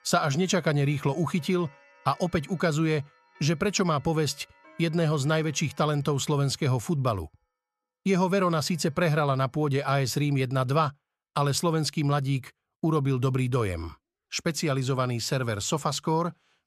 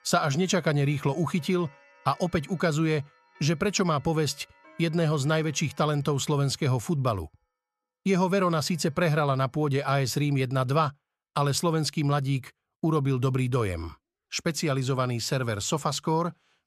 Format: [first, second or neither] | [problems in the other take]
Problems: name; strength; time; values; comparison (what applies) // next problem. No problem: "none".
neither | household noises; faint; throughout; 30 dB below the speech; the same in both